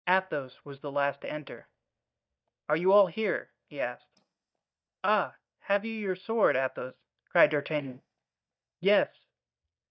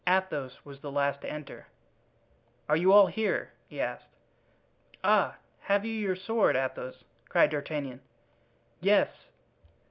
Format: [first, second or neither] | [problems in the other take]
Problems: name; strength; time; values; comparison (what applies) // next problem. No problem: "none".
second | noise reduction (neural mask model DeepFilterNet 3)